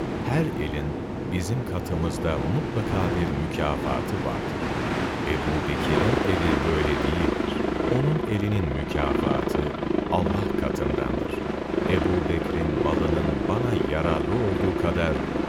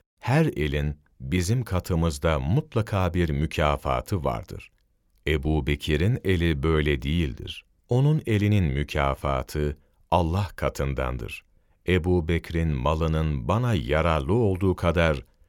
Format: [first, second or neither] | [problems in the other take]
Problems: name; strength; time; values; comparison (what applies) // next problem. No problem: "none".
second | train or aircraft noise; very loud; throughout; 2 dB above the speech